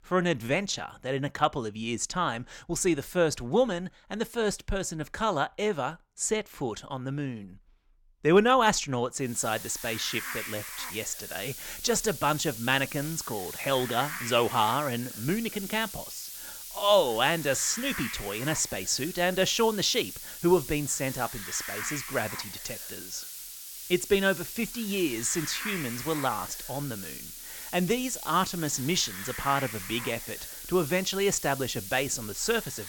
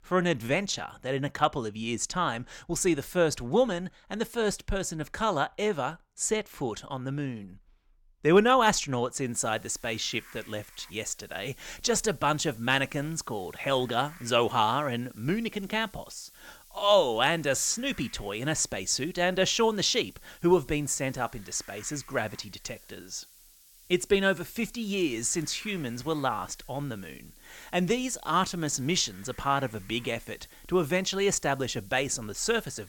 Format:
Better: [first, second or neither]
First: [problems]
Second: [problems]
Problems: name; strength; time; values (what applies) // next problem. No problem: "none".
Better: second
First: hiss; loud; from 9.5 s on; 9 dB below the speech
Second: hiss; faint; from 9.5 s on; 25 dB below the speech